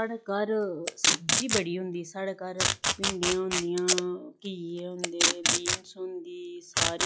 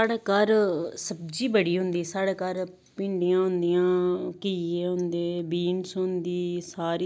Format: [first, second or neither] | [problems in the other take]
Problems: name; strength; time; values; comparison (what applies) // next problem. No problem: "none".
second | noise reduction (classical method log-MMSE)